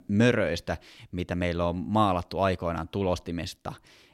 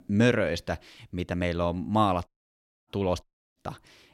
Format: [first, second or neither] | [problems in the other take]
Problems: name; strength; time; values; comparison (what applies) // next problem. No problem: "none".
first | audio cutting out; at 2.5 s for 0.5 s and at 3 s